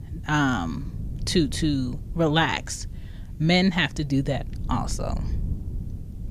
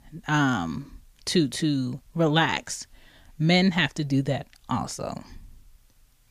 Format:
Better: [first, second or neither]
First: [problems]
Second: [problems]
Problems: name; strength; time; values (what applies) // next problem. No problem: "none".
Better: second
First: wind noise on the microphone; occasional gusts; 20 dB below the speech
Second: none